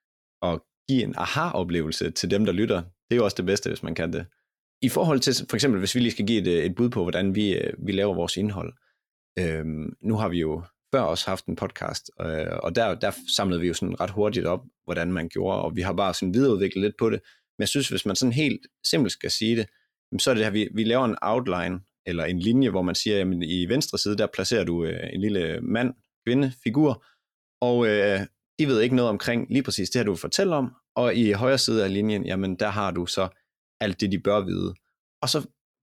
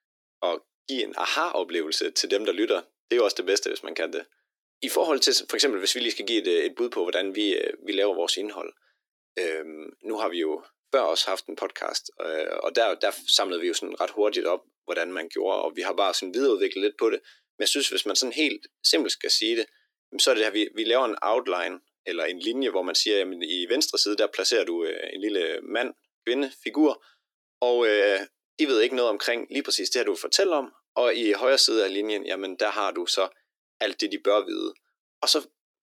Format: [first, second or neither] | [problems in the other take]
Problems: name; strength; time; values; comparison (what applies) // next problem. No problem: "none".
first | thin; somewhat; fading below 300 Hz